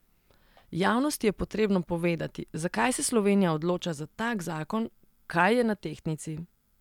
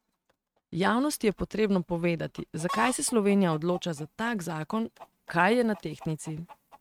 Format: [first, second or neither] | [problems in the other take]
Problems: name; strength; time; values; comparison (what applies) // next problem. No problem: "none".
first | noise reduction (neural mask model RNNoise)